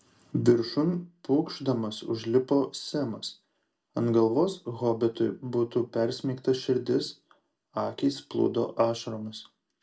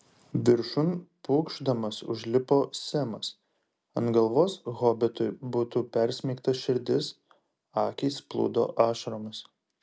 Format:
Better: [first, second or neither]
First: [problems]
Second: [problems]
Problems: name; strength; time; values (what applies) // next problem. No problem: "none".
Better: second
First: room echo; dies away in 0.2 s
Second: none